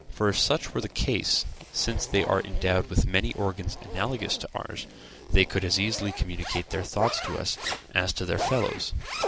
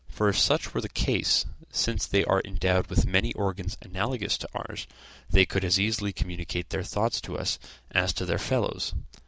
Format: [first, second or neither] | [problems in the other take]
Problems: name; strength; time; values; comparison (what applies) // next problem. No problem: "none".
second | background sound (Zipper (clothing)); 11 dB below the speech